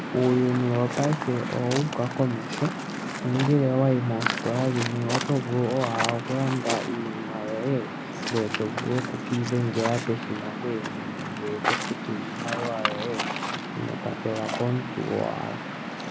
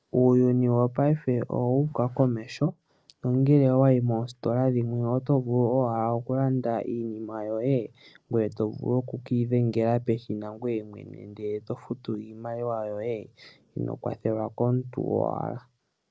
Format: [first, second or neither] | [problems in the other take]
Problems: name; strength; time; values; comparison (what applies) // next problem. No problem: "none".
second | background sound (Waves, surf); 4 dB below the speech